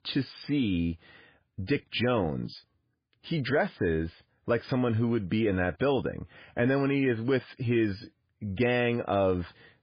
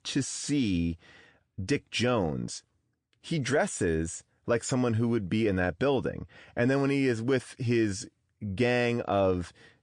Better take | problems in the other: second | garbled, watery; badly; slightly in the second

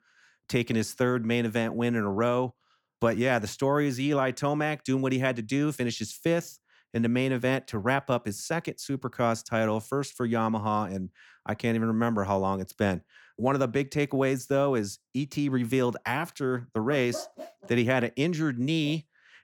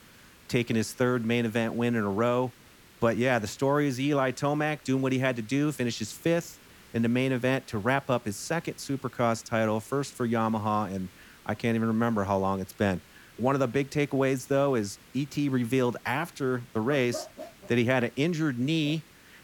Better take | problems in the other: first | hiss; faint; throughout; 25 dB below the speech

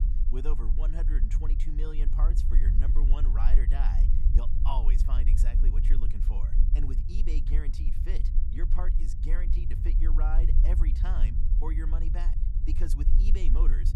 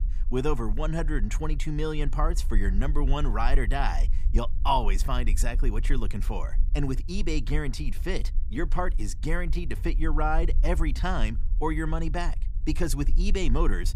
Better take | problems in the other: second | low rumble; loud; throughout; 5 dB below the speech; faint in the second

